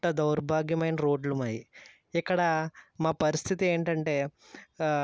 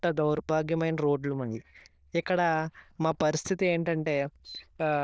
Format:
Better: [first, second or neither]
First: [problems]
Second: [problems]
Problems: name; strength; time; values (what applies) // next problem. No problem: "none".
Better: first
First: none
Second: noise reduction (neural diffusion model UNIVERSE++)